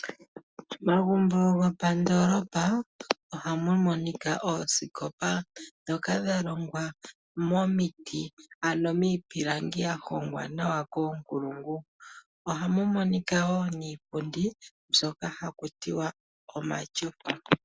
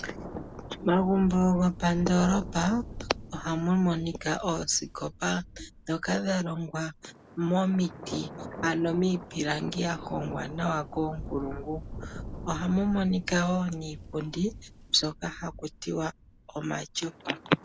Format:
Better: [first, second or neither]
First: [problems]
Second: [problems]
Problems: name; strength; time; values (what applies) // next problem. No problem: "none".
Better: first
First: none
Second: background sound (Thunder); 13 dB below the speech